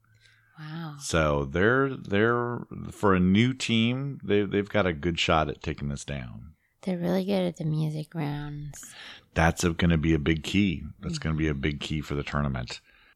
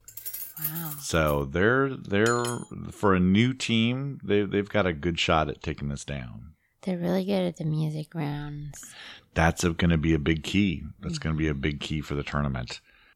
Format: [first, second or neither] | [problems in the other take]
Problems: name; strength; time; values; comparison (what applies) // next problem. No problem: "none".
first | jangling keys; noticeable; until 1.5 s; peak 4 dB below the speech // clattering dishes; noticeable; at 2.5 s; peak 8 dB below the speech